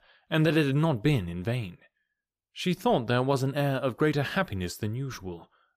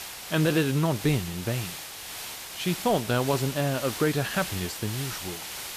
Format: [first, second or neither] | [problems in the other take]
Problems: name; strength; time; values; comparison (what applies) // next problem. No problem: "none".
first | hiss; loud; throughout; 8 dB below the speech